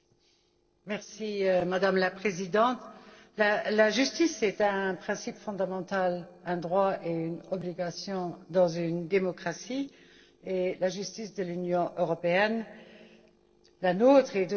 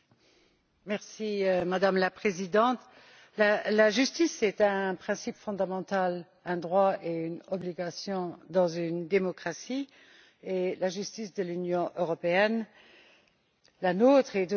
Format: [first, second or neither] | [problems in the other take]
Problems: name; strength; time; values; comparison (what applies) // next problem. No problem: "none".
second | noise reduction (neural separator model SepFormer DNS4)